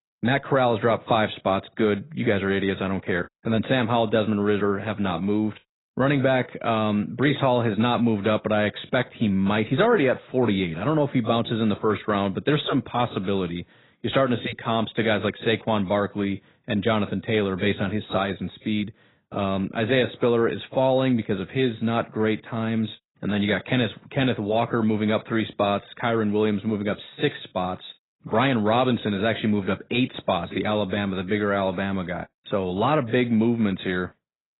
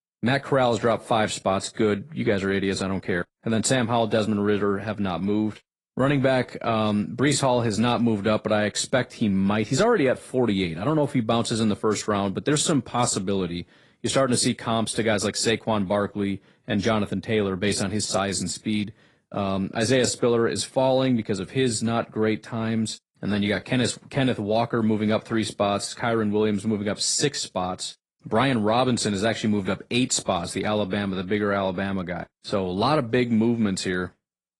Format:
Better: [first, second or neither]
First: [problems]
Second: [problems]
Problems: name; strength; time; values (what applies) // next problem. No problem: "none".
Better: second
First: garbled, watery; badly; nothing above 4 kHz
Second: garbled, watery; slightly